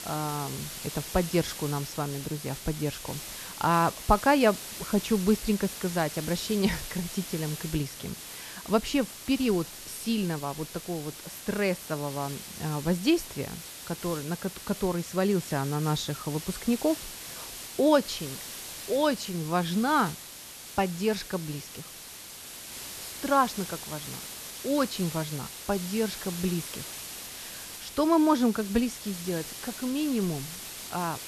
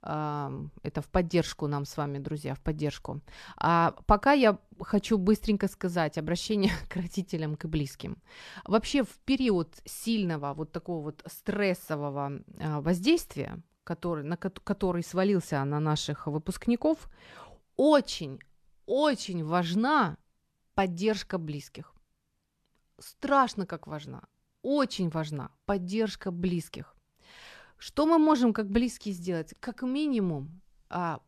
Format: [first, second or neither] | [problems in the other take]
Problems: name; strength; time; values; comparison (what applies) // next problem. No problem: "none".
second | hiss; loud; throughout; 10 dB below the speech